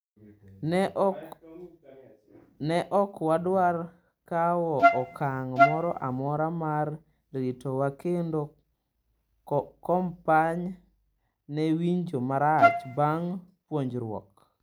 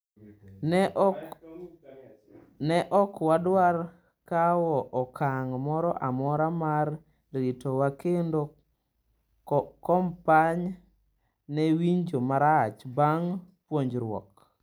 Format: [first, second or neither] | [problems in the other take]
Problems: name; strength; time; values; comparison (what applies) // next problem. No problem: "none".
second | background sound (Wind instrument, woodwind instrument); 5 dB above the speech